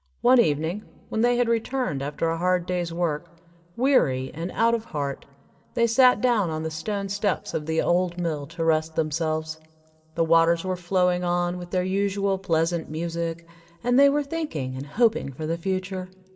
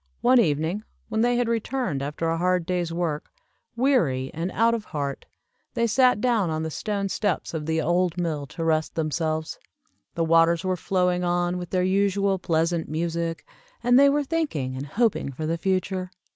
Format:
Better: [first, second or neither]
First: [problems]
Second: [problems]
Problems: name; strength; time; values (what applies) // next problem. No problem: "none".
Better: second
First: room echo; dies away in 0.3 s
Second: none